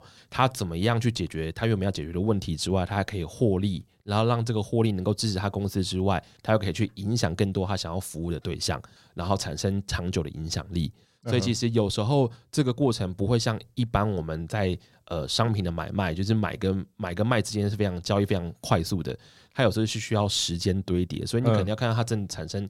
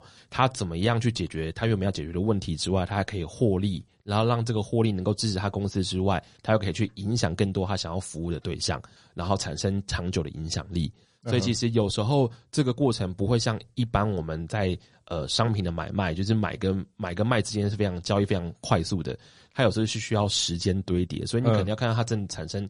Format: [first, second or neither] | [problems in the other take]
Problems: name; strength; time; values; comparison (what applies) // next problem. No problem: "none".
first | garbled, watery; slightly; nothing above 10.5 kHz